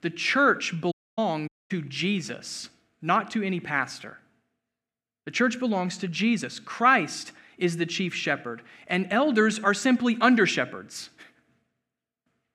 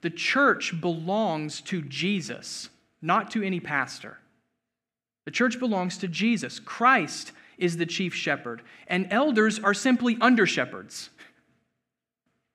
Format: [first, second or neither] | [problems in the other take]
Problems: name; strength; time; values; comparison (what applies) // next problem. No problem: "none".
second | audio cutting out; at 1 s and at 1.5 s